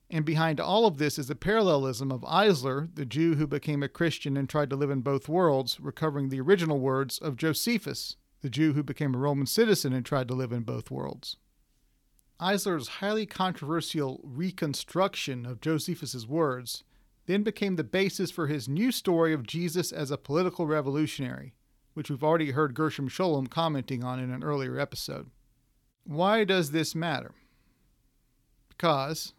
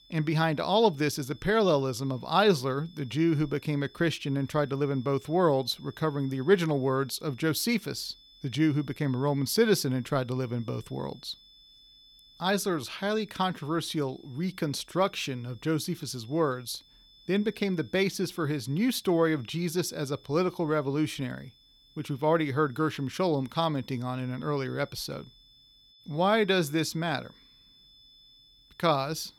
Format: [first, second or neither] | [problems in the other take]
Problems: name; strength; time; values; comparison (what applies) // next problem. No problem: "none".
first | high-pitched whine; faint; throughout; 3.5 kHz, 25 dB below the speech